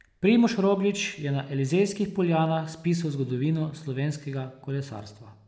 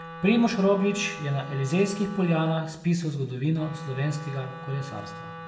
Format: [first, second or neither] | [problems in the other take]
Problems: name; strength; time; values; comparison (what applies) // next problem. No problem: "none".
first | background sound (Wind instrument, woodwind instrument); 14 dB below the speech // room echo; dies away in 0.5 s